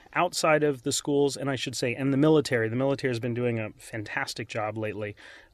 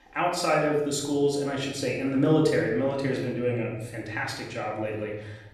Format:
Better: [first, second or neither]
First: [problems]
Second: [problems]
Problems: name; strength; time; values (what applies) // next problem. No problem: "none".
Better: first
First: none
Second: off-mic speech; far // room echo; noticeable; dies away in 1 s